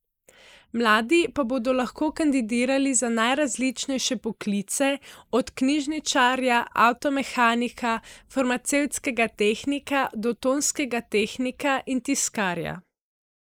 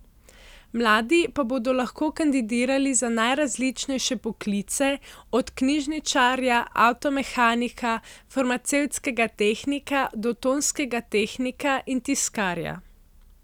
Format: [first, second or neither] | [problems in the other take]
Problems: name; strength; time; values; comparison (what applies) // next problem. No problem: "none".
second | noise reduction (neural mask model Resemble Enhance denoiser)